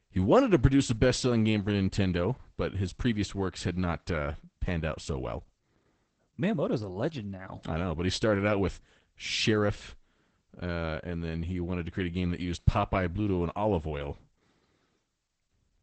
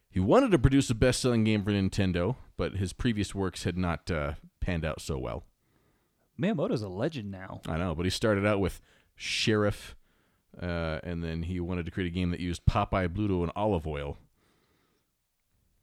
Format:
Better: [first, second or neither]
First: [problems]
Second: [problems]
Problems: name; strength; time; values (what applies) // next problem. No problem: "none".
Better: second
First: garbled, watery; badly; nothing above 8 kHz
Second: none